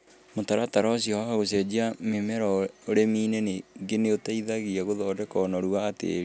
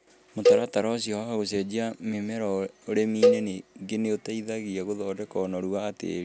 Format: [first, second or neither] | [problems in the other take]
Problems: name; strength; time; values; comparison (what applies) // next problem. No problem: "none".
first | background sound (Cowbell); 2 dB above the speech